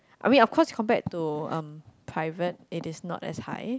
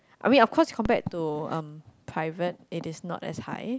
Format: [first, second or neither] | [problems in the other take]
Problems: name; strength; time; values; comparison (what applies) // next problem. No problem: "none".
first | background sound (Fireworks); 19 dB below the speech